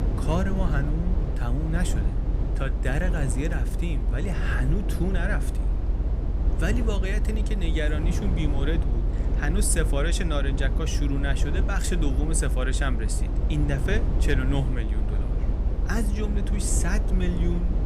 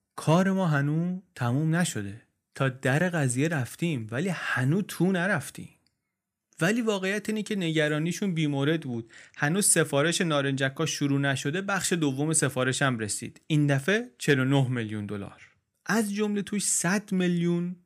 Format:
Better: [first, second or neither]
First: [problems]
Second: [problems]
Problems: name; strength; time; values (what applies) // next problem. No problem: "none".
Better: second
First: low rumble; loud; throughout; 7 dB below the speech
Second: none